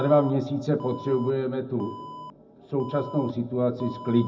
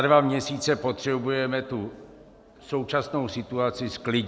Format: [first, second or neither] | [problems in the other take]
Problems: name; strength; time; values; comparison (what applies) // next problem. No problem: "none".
second | background sound (Alarm); 17 dB below the speech // room echo; dies away in 0.4 s